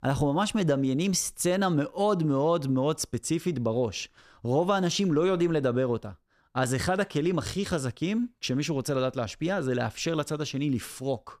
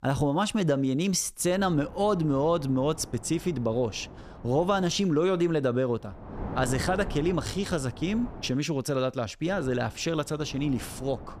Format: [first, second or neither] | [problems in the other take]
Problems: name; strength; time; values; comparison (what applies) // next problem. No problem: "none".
first | wind noise on the microphone; occasional gusts; from 1.5 to 5 s, from 6 to 8.5 s and from 9.5 s on; 15 dB below the speech